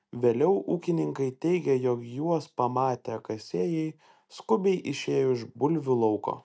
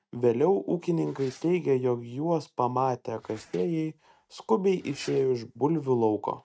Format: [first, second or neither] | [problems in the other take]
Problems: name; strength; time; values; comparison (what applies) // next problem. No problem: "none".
first | noise reduction (neural mask model RNNoise)